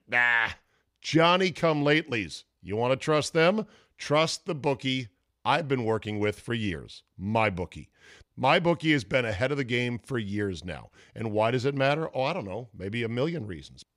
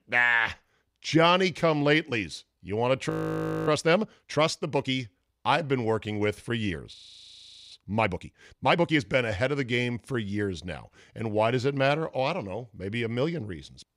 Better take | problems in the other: first | audio freezing; at 3 s for 0.5 s and at 7 s for 1 s

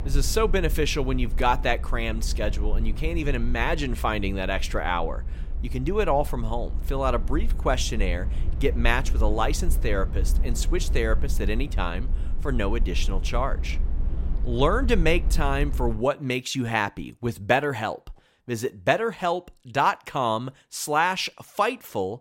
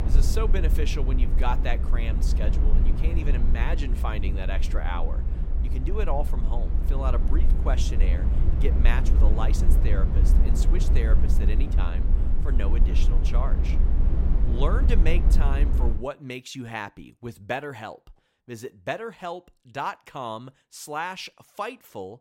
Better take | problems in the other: first | low rumble; loud; until 16 s; 7 dB below the speech; faint in the first

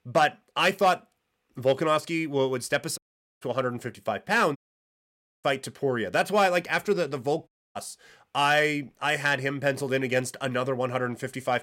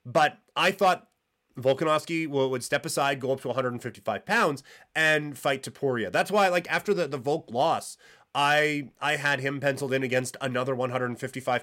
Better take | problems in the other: second | audio cutting out; at 3 s, at 4.5 s for 1 s and at 7.5 s

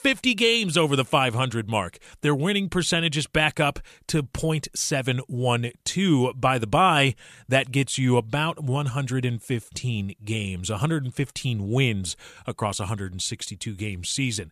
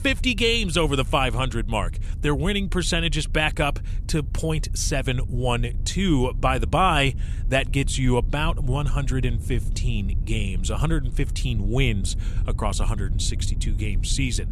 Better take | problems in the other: first | low rumble; faint; throughout; 20 dB below the speech

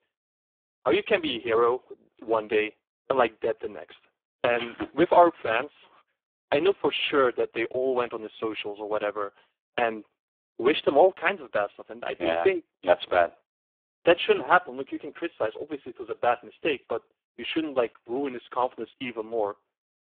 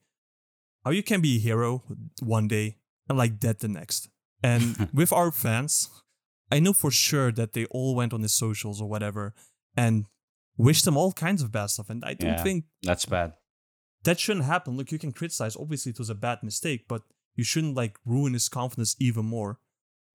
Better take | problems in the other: second | phone-call audio; poor line

